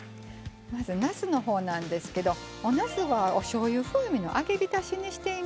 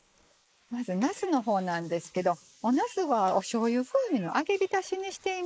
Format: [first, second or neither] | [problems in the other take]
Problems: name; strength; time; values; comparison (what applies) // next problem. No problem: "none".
first | noise reduction (neural mask model Resemble Enhance denoiser)